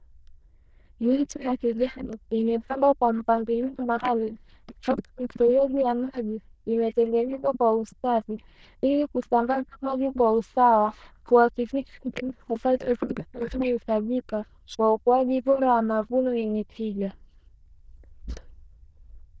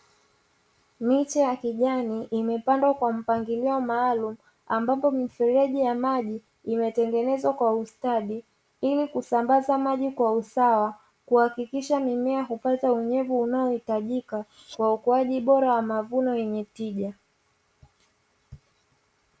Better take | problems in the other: second | noise reduction (neural diffusion model UNIVERSE++)

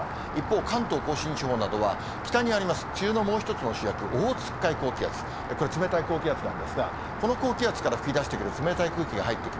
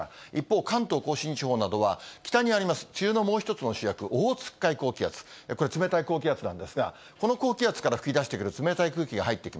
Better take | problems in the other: second | background sound (Rain); 5 dB below the speech

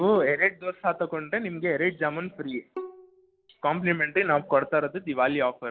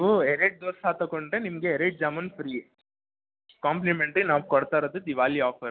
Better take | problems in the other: second | background sound (Bowed string instrument); 19 dB below the speech

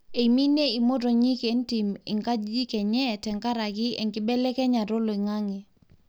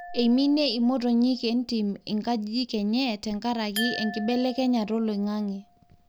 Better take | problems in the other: first | background sound (Glass); 16 dB below the speech

